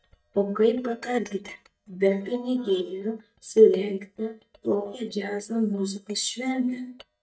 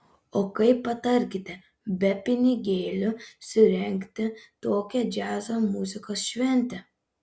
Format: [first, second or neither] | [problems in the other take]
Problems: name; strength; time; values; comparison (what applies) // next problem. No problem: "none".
second | noise reduction (neural mask model DeepFilterNet 3)